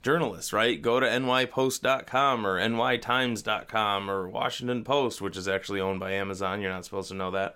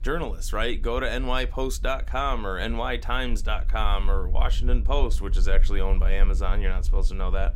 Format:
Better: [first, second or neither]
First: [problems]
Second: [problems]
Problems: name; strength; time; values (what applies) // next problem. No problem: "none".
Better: first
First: none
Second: low rumble; faint; throughout; 25 dB below the speech